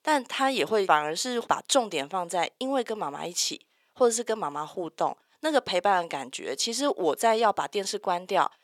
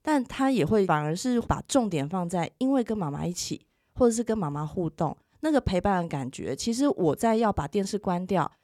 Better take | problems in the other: second | thin; somewhat; fading below 550 Hz

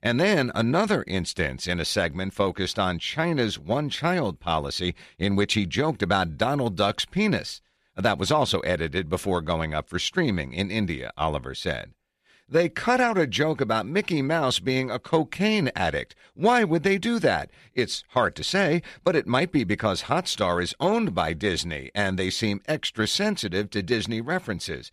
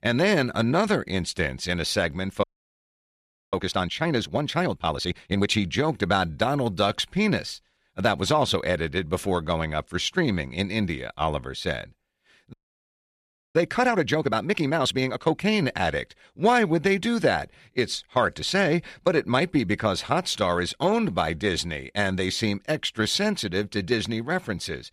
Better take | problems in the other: first | audio freezing; at 2.5 s for 1 s and at 13 s for 1 s

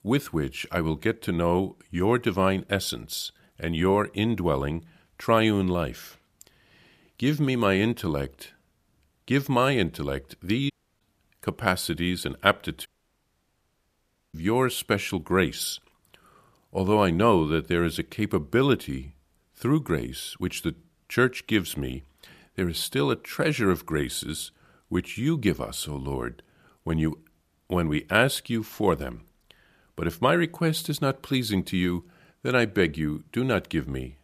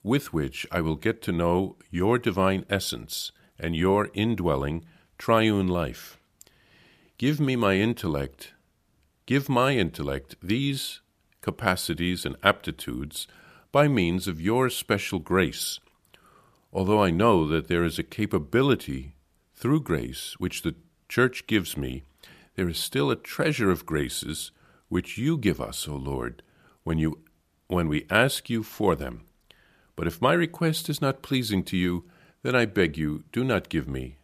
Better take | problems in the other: second | audio cutting out; at 11 s and at 13 s for 1.5 s

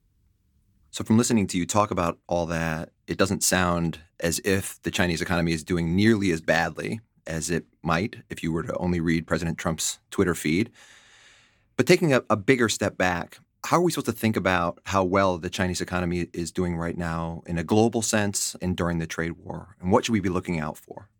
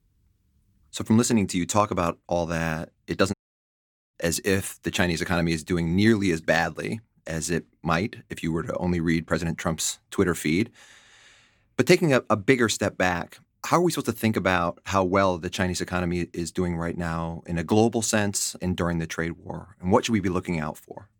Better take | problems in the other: first | audio cutting out; at 3.5 s for 1 s

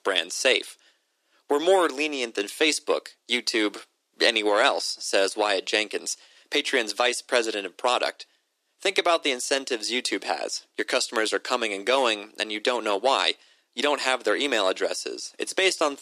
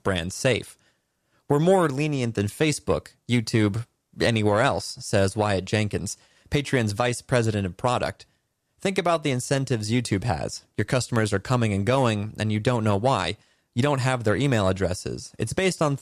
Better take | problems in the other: second | thin; very; fading below 300 Hz

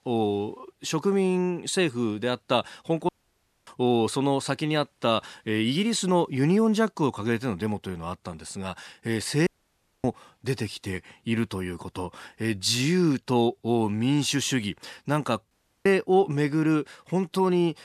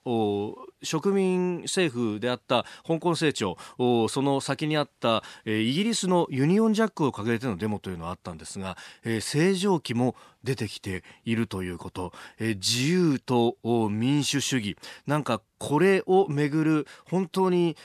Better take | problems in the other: second | audio cutting out; at 3 s for 0.5 s, at 9.5 s for 0.5 s and at 16 s

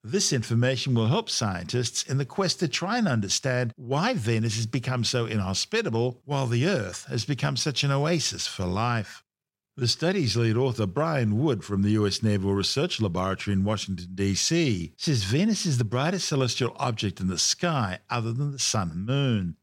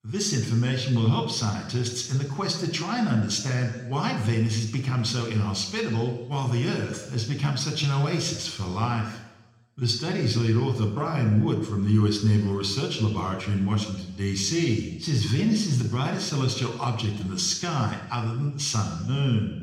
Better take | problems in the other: first | room echo; slight; dies away in 0.9 s

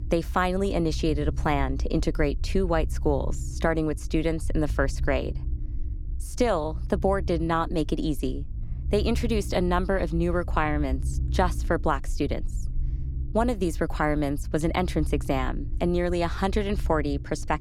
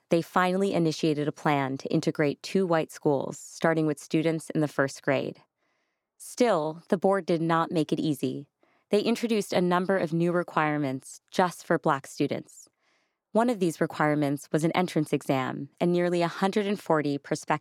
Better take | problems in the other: second | low rumble; faint; throughout; 20 dB below the speech

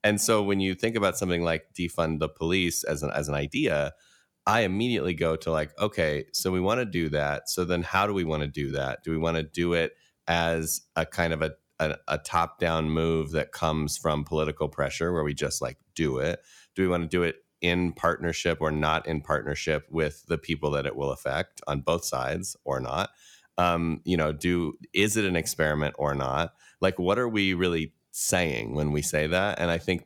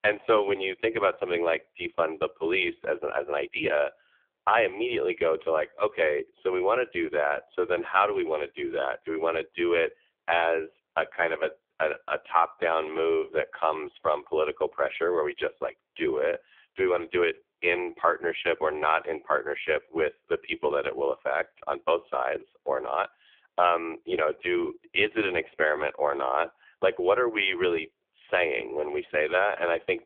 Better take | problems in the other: first | phone-call audio; poor line; nothing above 3.5 kHz

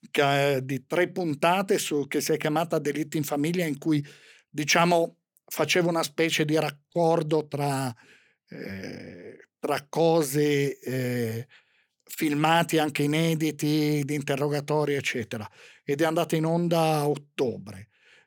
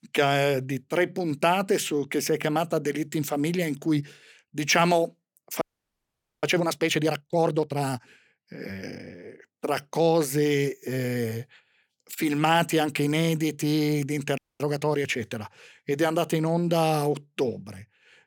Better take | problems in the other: first | audio freezing; at 5.5 s for 1 s and at 14 s

